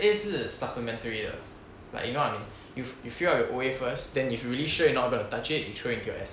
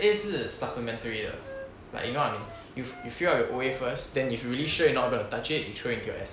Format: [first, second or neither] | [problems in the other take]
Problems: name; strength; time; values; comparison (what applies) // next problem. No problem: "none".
first | background sound (Wind instrument, woodwind instrument); 18 dB below the speech